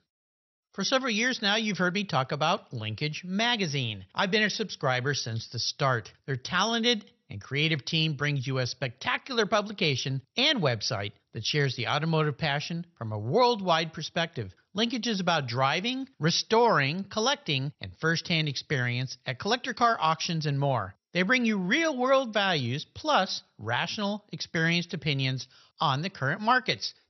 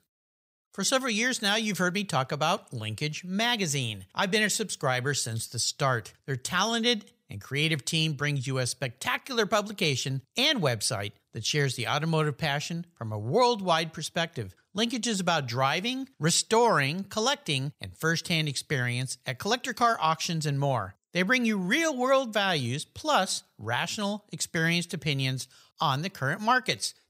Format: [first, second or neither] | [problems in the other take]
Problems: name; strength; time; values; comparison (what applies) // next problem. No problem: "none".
second | garbled, watery; slightly; nothing above 6 kHz